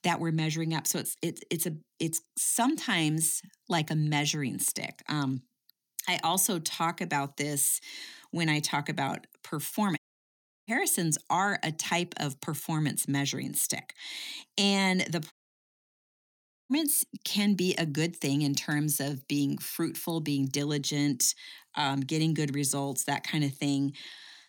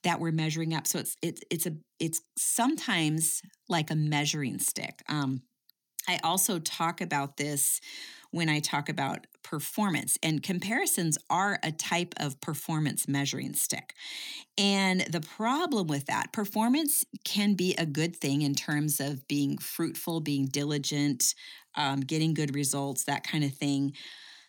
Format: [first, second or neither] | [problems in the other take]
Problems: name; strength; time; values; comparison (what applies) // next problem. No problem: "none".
second | audio cutting out; at 10 s for 0.5 s and at 15 s for 1.5 s